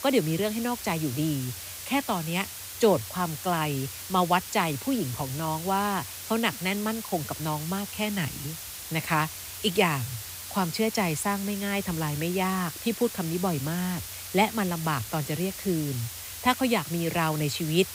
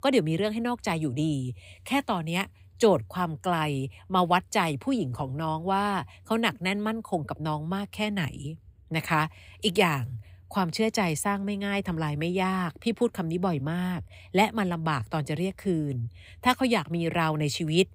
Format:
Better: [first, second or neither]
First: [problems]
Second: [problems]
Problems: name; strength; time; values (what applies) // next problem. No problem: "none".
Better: second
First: hiss; loud; throughout; 8 dB below the speech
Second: none